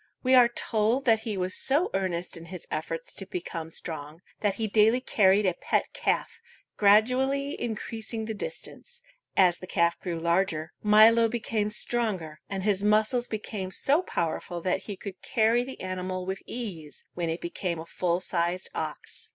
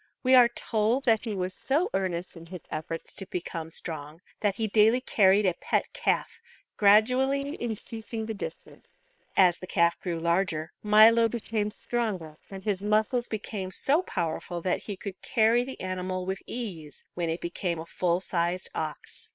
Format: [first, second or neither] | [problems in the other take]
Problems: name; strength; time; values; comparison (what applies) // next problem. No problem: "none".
first | noise reduction (neural separator model SepFormer WHAM!)